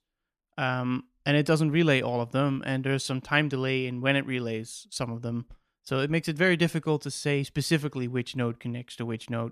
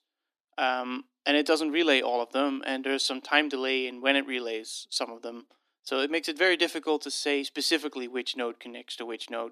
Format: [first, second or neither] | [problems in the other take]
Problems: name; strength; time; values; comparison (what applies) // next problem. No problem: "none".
first | thin; somewhat; fading below 250 Hz